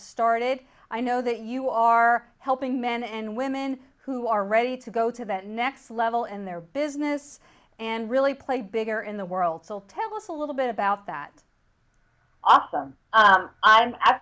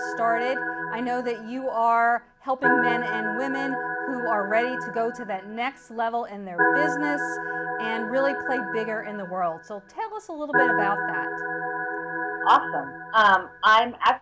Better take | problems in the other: first | background sound (Organ); 3 dB below the speech

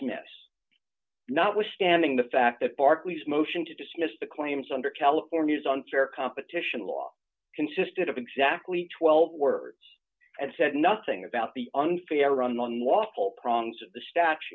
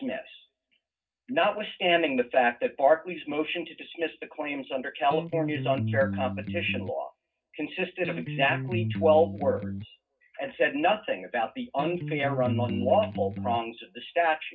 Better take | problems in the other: first | background sound (Electric guitar); 4 dB below the speech // room echo; dies away in 0.4 s

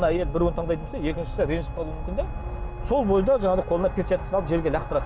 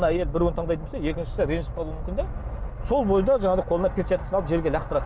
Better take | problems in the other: second | background sound (Wind instrument, woodwind instrument + Harmonica); 20 dB below the speech

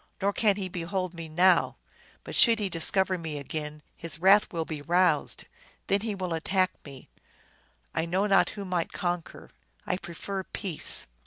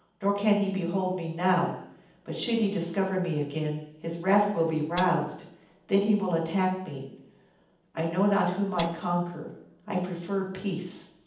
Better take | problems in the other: first | background sound (Tambourine); 15 dB below the speech // room echo; dies away in 0.8 s

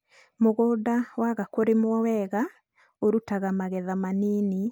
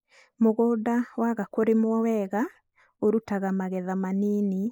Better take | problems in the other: first | noise reduction (neural mask model Resemble Enhance denoiser)

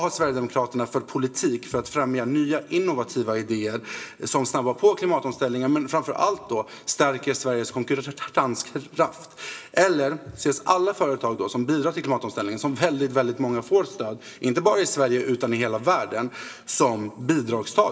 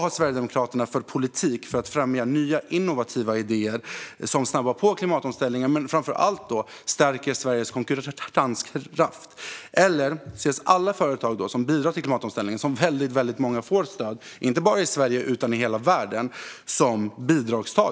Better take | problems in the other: second | room echo; dies away in 1.4 s

